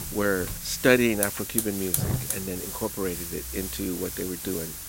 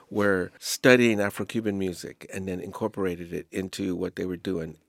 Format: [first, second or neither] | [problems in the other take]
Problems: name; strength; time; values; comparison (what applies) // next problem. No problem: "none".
second | hiss; loud; throughout; 3 dB below the speech